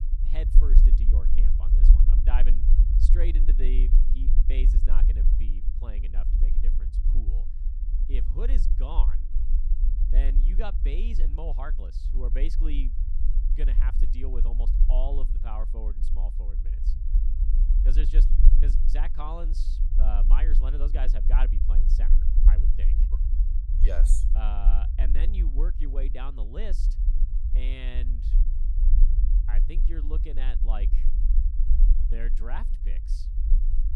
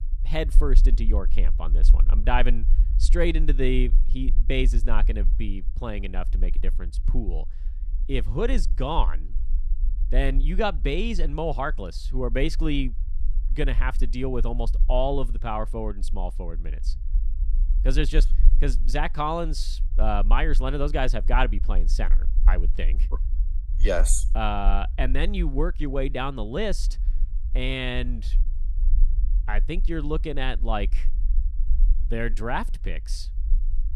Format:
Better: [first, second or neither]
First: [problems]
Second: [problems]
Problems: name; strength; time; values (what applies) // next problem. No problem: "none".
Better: second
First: low rumble; loud; throughout; 6 dB below the speech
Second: low rumble; faint; throughout; 20 dB below the speech